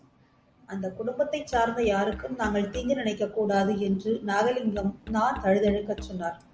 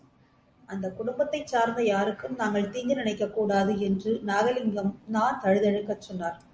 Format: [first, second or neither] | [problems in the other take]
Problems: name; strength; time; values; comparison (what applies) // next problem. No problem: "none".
second | background sound (Musical instrument); 16 dB below the speech